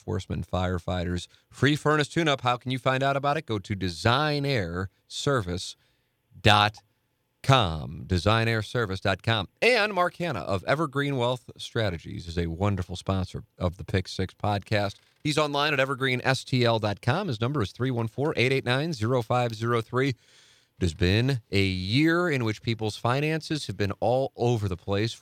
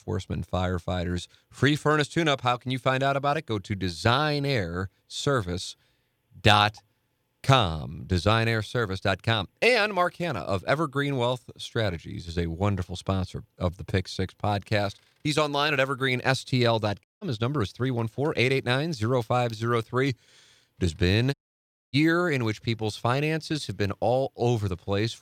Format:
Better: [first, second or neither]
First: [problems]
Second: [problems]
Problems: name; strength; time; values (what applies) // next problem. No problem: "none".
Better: first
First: none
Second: audio cutting out; at 17 s and at 21 s for 0.5 s